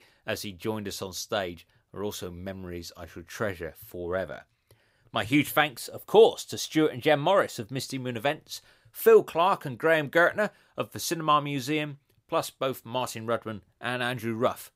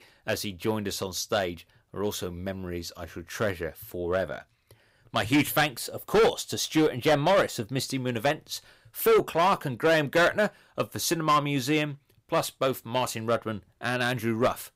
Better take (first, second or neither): first